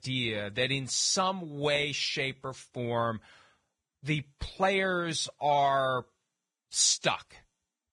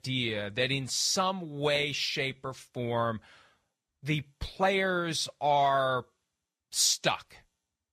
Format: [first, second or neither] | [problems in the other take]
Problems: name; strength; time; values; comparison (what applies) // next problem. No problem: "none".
second | garbled, watery; badly; nothing above 9 kHz; slightly in the second